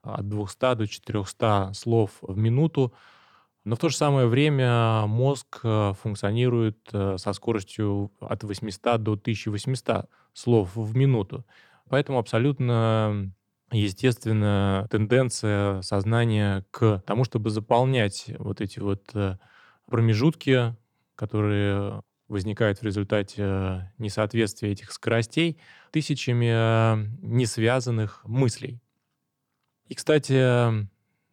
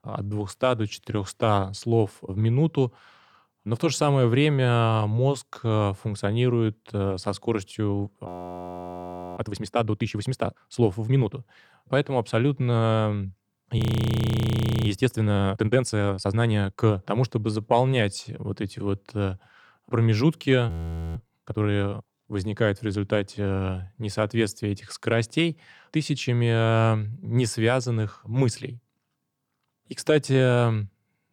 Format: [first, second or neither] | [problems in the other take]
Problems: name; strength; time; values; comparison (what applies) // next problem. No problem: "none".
first | audio freezing; at 8.5 s for 1 s, at 14 s for 1 s and at 21 s